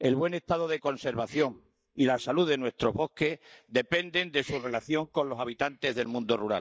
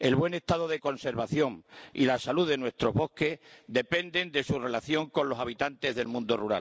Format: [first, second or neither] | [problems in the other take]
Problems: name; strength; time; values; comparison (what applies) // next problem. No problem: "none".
second | noise reduction (neural mask model DeepFilterNet 3)